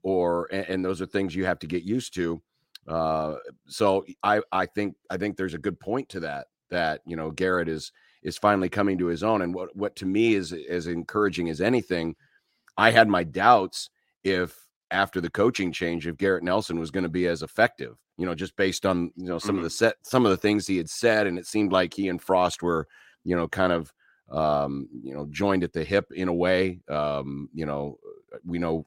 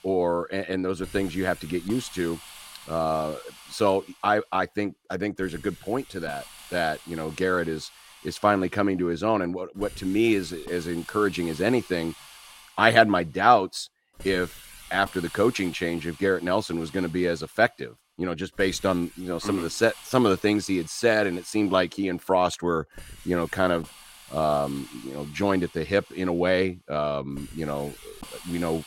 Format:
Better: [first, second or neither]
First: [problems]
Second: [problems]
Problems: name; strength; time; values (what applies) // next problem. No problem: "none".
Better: first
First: none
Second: hiss; noticeable; throughout; 20 dB below the speech